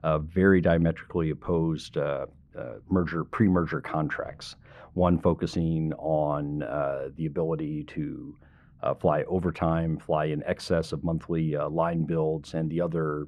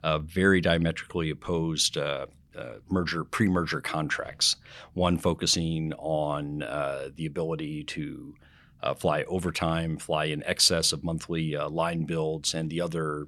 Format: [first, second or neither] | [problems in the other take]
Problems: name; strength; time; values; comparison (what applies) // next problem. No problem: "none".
second | muffled; very; fading above 2.5 kHz